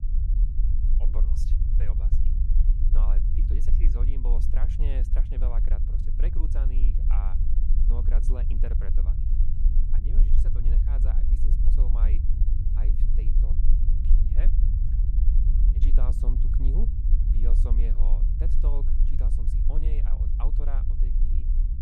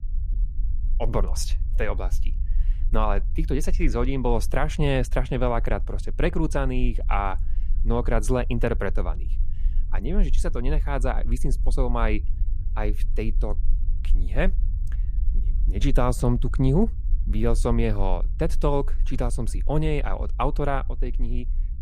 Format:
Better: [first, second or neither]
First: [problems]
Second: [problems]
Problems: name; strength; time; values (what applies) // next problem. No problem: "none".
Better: second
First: low rumble; loud; throughout; 1 dB below the speech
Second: low rumble; faint; throughout; 25 dB below the speech